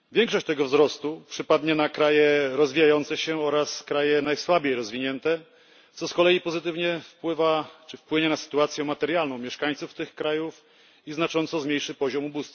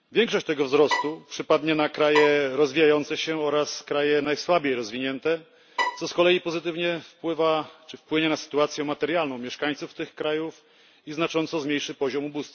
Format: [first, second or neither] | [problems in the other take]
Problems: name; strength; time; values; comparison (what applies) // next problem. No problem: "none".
first | background sound (Bowed string instrument); 6 dB below the speech